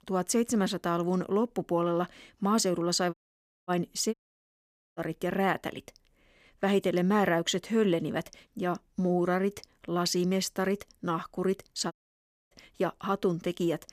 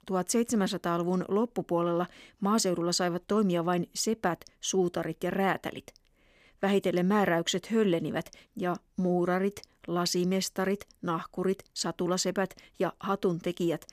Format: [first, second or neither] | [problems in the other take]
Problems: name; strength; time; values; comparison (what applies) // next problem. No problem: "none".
second | audio cutting out; at 3 s for 0.5 s, at 4 s for 1 s and at 12 s for 0.5 s